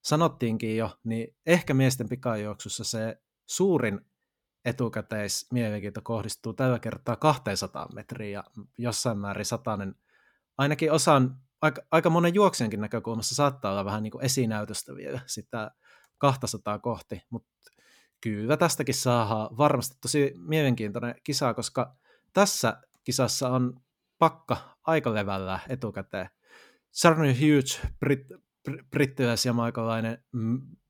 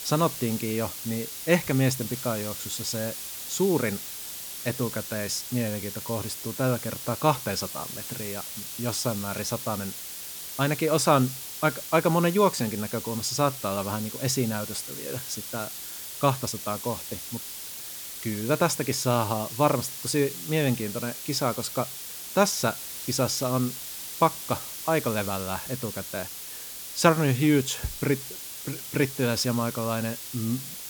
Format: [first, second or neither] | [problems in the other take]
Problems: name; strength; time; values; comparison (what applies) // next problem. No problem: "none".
first | hiss; loud; throughout; 7 dB below the speech